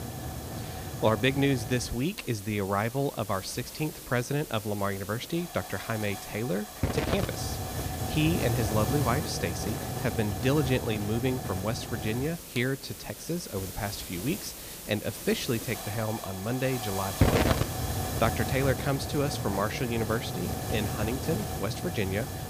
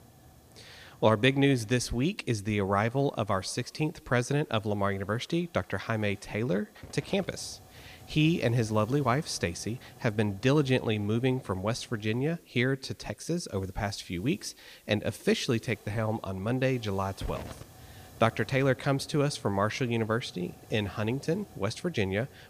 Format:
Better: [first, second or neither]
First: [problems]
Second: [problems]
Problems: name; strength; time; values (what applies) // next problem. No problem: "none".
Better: second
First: hiss; loud; throughout; 3 dB below the speech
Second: hiss; faint; throughout; 25 dB below the speech